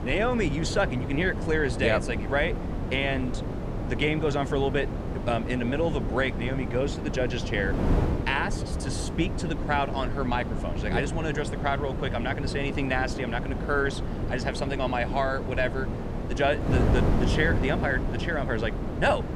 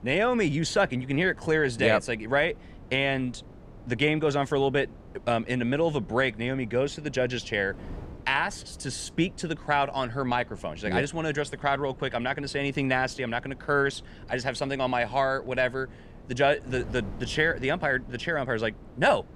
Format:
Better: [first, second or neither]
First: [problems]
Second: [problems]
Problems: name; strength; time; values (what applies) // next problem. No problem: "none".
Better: second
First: wind noise on the microphone; heavy; 8 dB below the speech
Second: wind noise on the microphone; occasional gusts; 25 dB below the speech